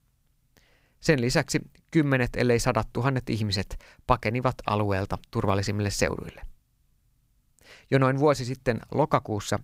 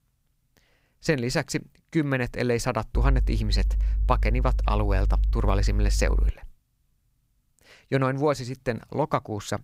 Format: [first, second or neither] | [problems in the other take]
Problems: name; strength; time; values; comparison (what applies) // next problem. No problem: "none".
first | low rumble; faint; from 3 to 6.5 s; 20 dB below the speech